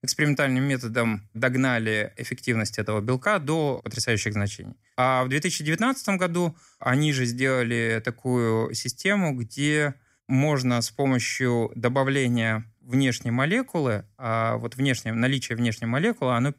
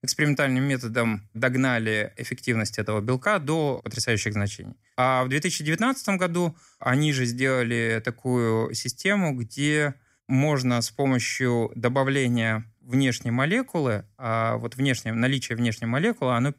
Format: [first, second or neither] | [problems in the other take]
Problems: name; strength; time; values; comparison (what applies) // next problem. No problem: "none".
neither | none